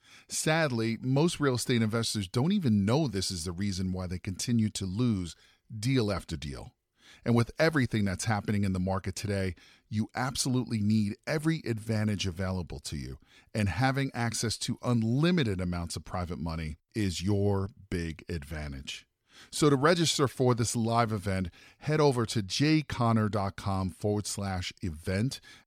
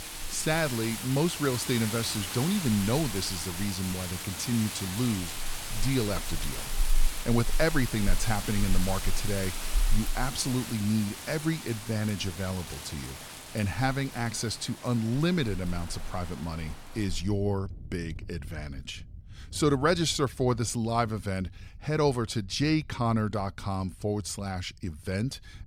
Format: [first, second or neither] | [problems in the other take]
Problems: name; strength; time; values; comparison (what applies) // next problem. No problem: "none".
first | rain or running water; loud; throughout; 6 dB below the speech